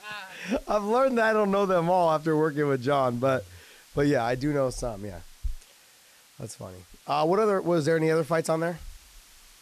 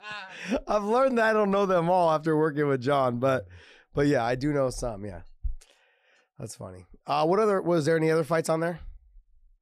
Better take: second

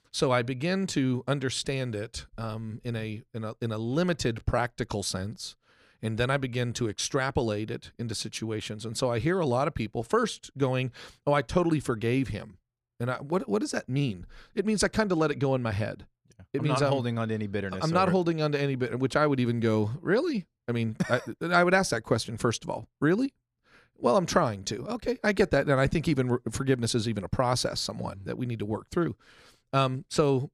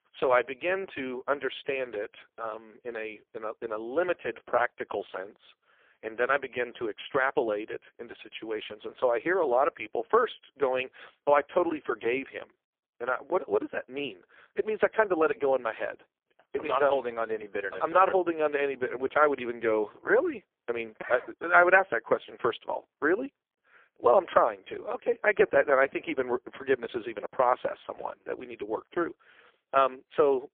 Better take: first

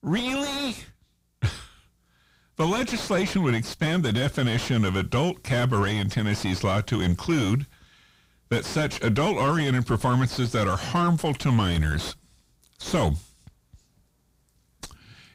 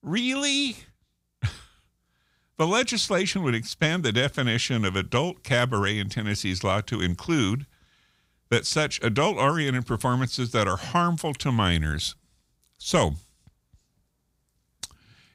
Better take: second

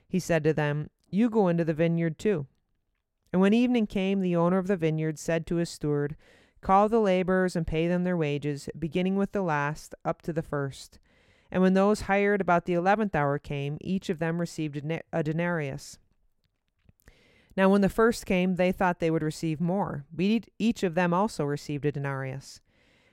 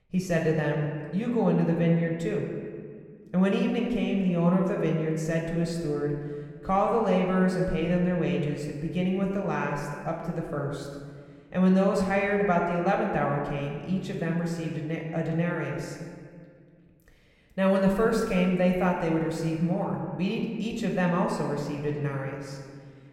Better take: first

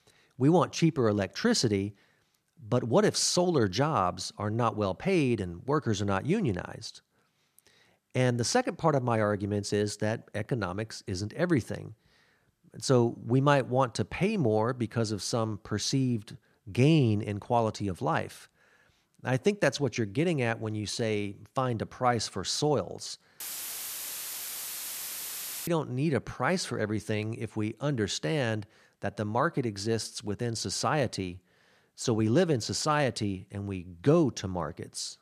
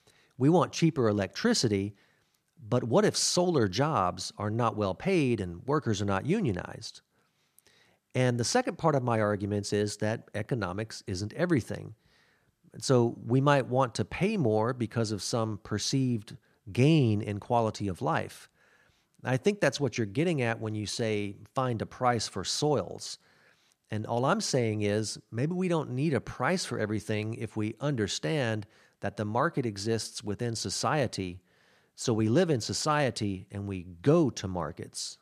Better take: second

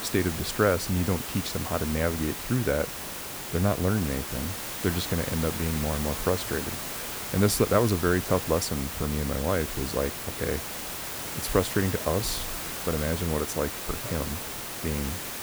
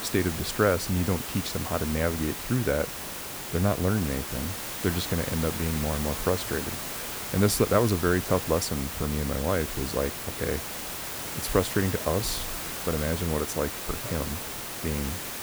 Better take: neither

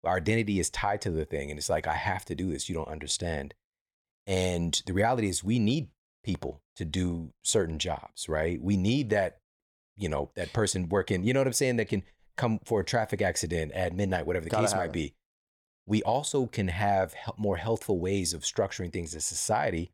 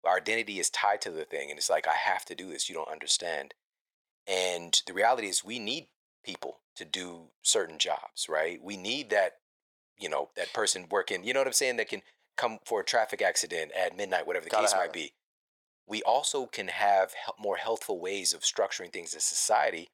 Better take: first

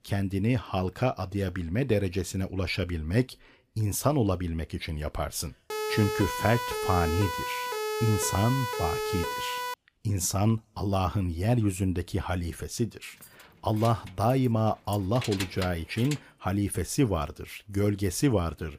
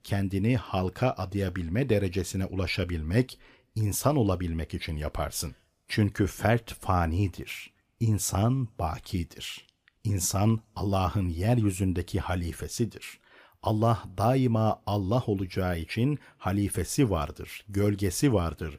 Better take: second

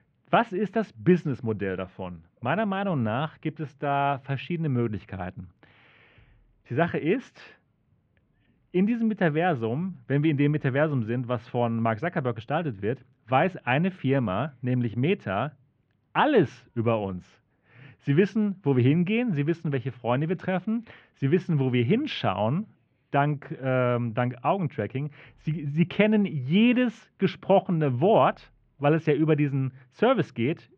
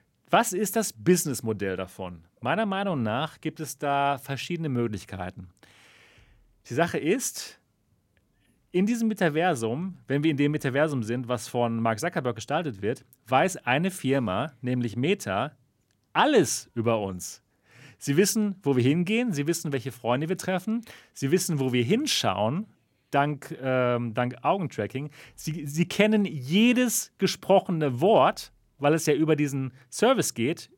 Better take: second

